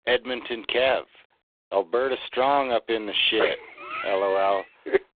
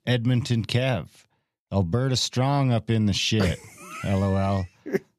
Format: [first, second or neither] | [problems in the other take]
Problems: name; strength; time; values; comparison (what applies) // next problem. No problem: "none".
second | phone-call audio; poor line; nothing above 3.5 kHz